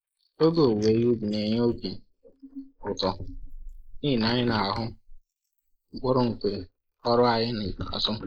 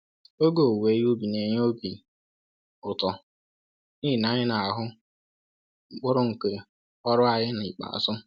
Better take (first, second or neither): second